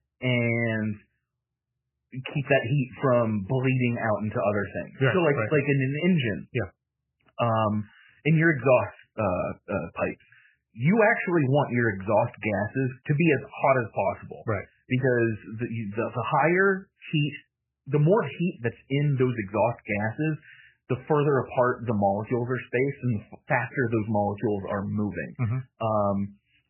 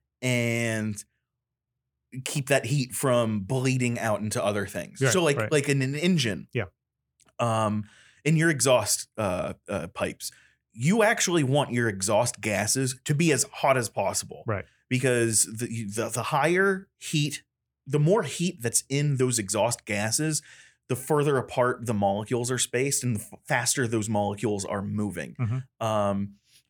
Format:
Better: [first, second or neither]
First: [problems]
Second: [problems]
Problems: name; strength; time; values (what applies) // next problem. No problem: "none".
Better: second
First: garbled, watery; badly; nothing above 3 kHz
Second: none